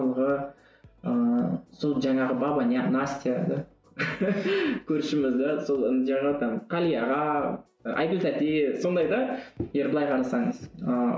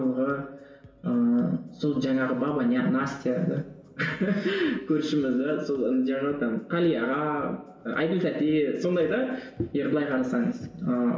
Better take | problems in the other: first | room echo; dies away in 1.5 s

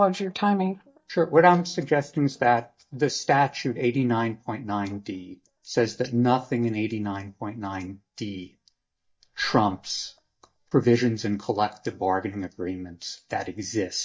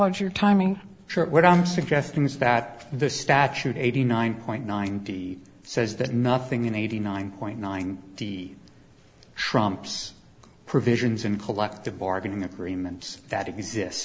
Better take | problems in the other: second | noise reduction (neural mask model DeepFilterNet 3)

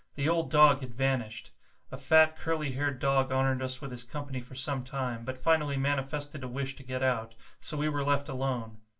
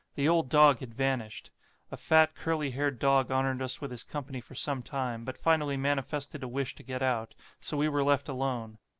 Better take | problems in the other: second | room echo; dies away in 0.2 s

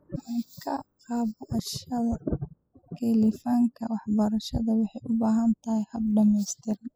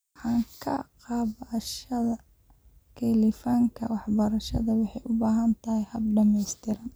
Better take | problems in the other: second | noise reduction (classical method spectral subtraction)

